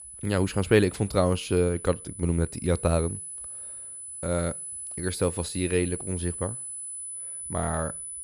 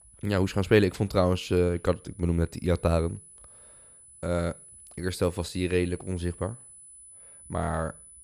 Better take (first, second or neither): second